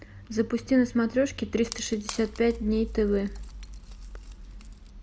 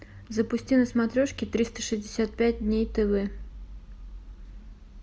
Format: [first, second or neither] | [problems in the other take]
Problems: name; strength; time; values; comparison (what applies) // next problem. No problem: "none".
second | background sound (Wood); 19 dB below the speech